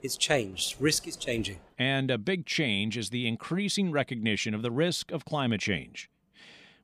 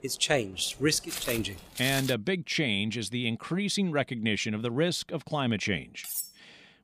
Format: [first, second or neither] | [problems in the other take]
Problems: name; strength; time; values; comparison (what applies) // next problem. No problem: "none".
first | footsteps; noticeable; from 1 to 2 s; peak 4 dB below the speech // clattering dishes; noticeable; at 6 s; peak 5 dB below the speech